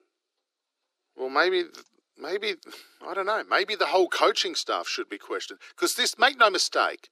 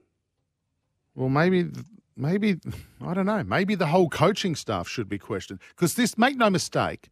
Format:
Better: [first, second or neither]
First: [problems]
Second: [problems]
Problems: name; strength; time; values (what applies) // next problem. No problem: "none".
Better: second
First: thin; very; fading below 350 Hz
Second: none